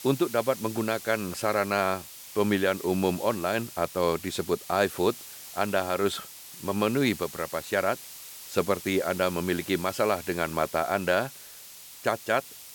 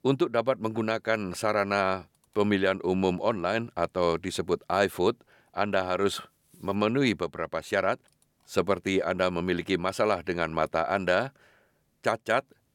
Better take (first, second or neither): second